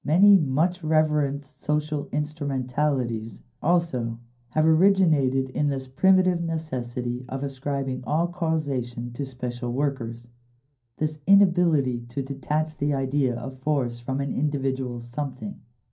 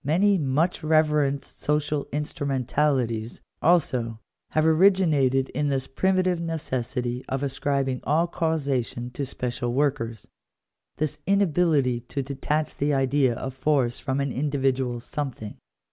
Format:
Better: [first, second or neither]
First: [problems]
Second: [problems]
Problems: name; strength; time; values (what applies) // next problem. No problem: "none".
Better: second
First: room echo; dies away in 0.3 s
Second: none